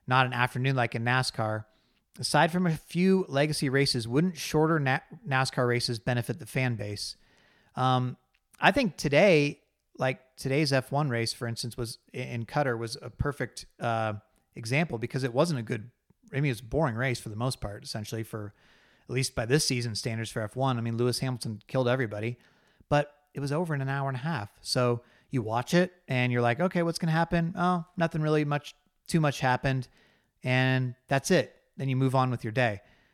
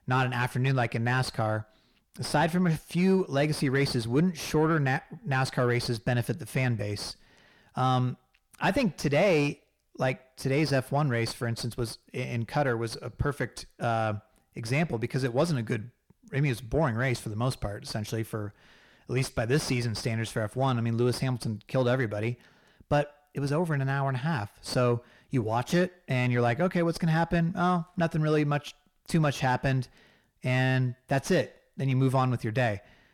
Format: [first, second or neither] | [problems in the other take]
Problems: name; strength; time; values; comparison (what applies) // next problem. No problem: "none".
first | distortion; slight; 10 dB below the speech